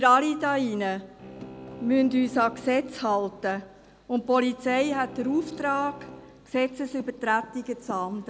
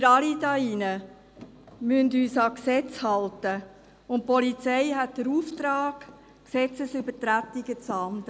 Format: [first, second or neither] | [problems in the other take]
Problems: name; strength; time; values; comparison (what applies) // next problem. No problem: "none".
second | background sound (Bowed string instrument); 19 dB below the speech